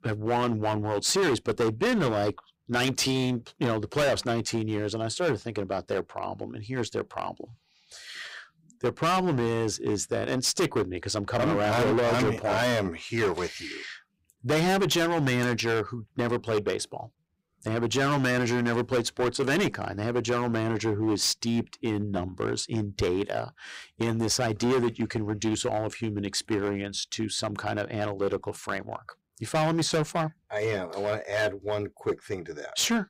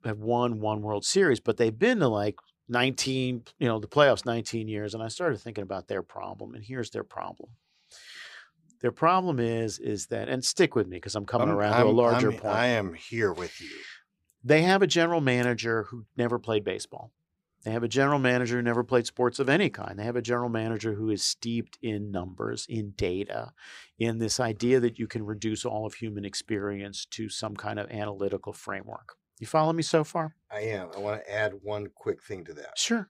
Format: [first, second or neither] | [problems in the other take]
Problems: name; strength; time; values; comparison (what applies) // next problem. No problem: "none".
second | distortion; heavy; 12% of the sound clipped